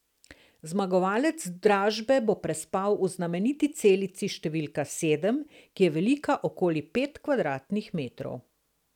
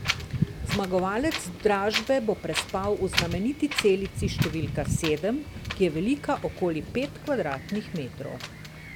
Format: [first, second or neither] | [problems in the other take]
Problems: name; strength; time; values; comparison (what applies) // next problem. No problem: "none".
first | background sound (Wind); 5 dB below the speech